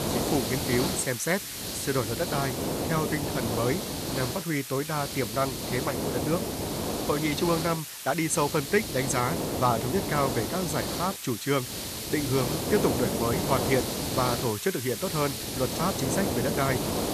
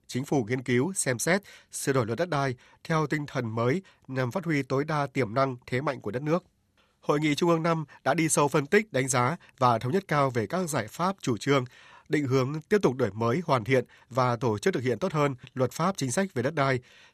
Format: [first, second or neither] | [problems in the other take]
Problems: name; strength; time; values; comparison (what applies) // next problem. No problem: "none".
second | hiss; loud; throughout; 2 dB below the speech